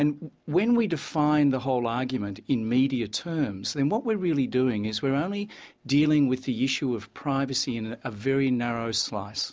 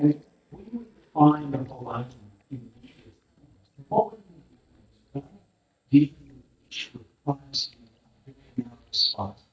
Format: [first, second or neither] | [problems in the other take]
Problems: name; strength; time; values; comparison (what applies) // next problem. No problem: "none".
first | noise reduction (neural mask model DeepFilterNet 3)